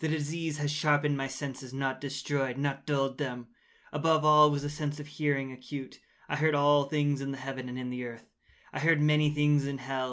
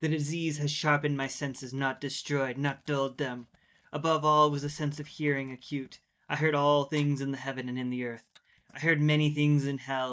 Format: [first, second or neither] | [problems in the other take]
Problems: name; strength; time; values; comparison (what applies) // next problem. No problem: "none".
first | noise reduction (neural mask model DeepFilterNet 3)